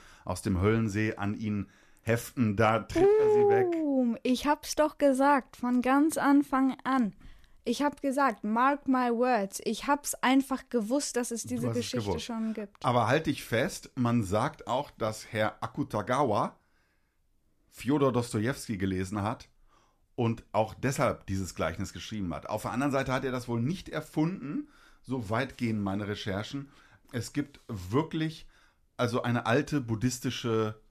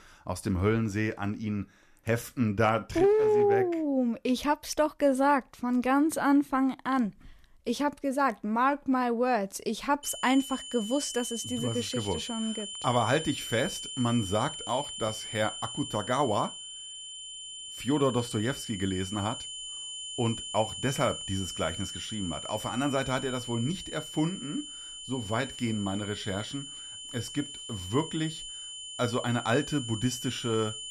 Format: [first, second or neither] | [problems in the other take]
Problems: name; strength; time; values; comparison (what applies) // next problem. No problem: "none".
first | high-pitched whine; loud; from 10 s on; 3 kHz, 8 dB below the speech